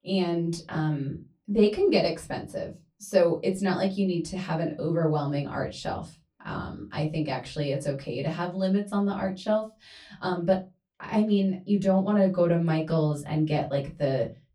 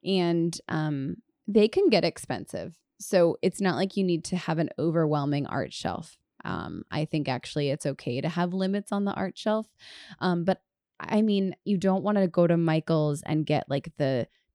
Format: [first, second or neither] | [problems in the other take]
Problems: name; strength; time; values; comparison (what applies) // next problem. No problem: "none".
second | off-mic speech; far // room echo; very slight; dies away in 0.2 s